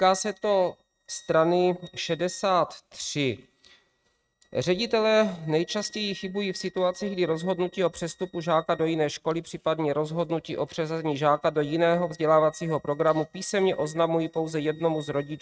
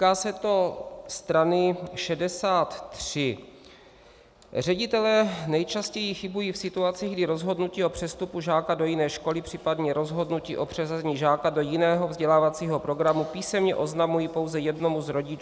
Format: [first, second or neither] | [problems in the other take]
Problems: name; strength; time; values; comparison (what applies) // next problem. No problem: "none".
second | noise reduction (neural mask model RNNoise)